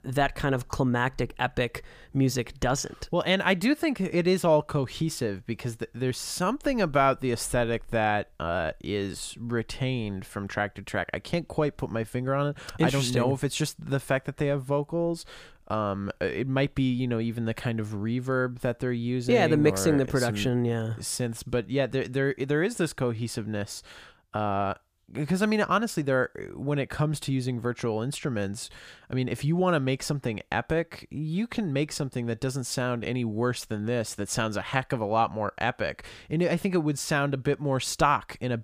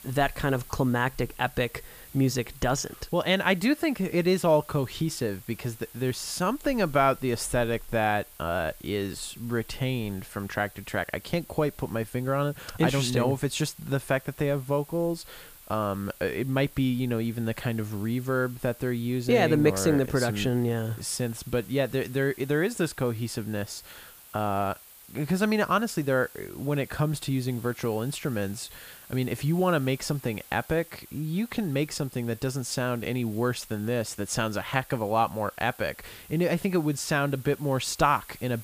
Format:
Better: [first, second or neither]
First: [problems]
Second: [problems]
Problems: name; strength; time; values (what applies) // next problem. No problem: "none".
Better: first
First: none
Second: hiss; noticeable; throughout; 20 dB below the speech